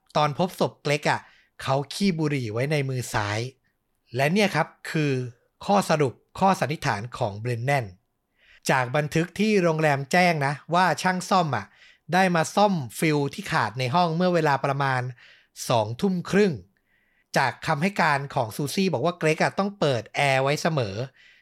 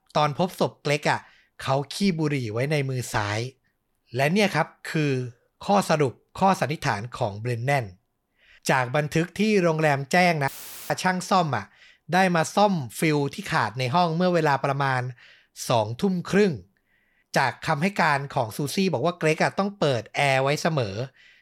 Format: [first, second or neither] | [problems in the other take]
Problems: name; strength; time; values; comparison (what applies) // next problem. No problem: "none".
first | audio cutting out; filled with static; at 10 s